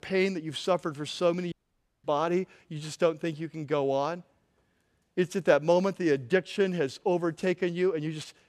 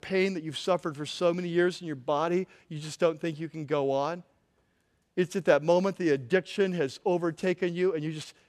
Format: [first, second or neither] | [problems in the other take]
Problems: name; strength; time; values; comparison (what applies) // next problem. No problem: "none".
second | audio cutting out; at 1.5 s for 0.5 s